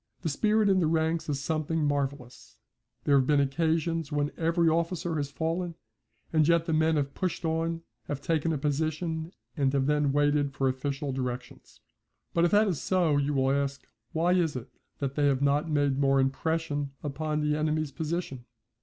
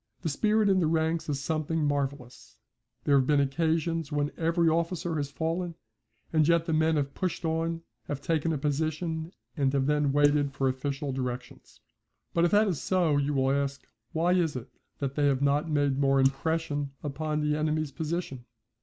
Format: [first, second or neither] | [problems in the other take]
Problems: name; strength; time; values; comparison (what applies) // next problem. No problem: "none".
first | noise reduction (neural mask model Resemble Enhance denoiser)